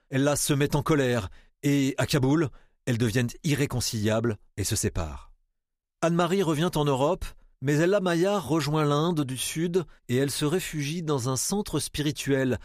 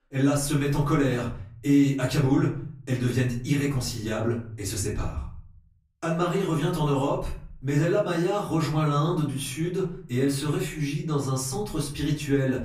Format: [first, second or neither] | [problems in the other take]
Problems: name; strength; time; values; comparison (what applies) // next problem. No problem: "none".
first | room echo; slight; dies away in 0.6 s // off-mic speech; far